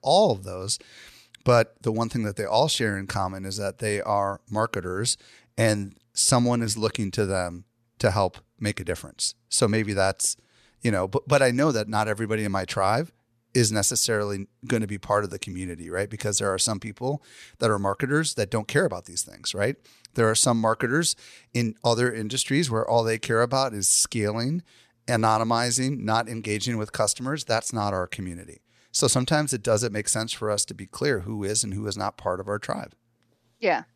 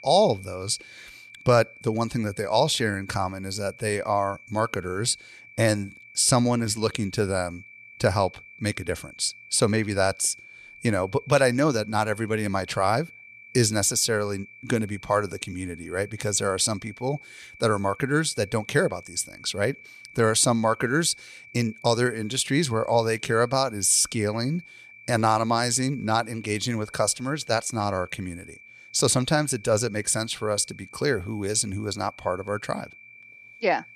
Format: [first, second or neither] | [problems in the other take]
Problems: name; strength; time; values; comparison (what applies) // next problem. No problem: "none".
first | high-pitched whine; faint; throughout; 2.5 kHz, 20 dB below the speech